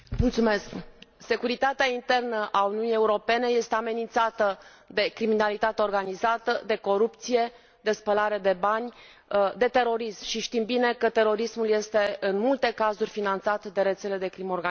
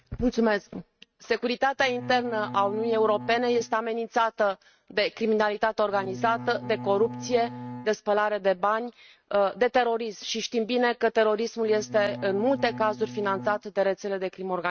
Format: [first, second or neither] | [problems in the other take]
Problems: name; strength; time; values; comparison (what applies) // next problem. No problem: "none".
first | noise reduction (neural mask model RNNoise)